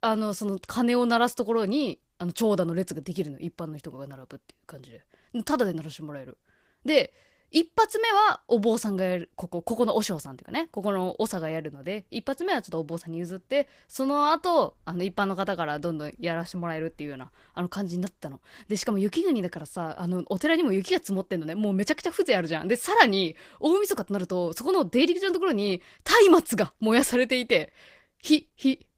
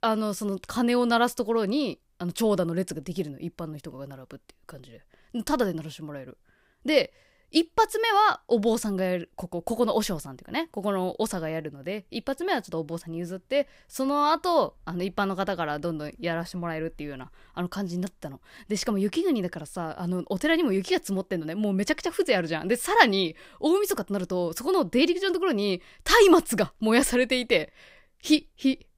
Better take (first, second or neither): second